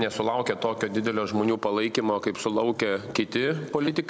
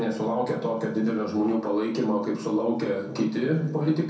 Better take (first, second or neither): first